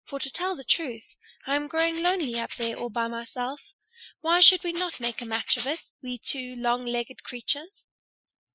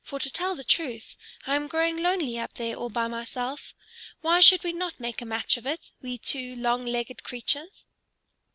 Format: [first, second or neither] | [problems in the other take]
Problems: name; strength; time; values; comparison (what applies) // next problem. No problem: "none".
second | noise reduction (classical method Wiener filter)